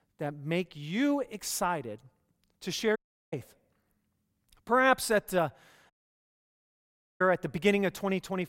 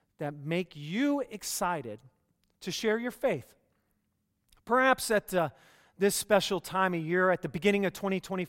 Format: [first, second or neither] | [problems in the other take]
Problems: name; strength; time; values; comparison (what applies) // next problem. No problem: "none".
second | audio cutting out; at 3 s and at 6 s for 1.5 s